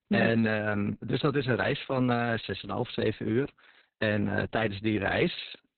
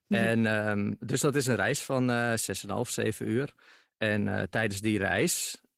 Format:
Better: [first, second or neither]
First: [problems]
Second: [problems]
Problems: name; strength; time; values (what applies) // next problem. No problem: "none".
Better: second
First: garbled, watery; badly; nothing above 4 kHz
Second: garbled, watery; slightly; nothing above 16 kHz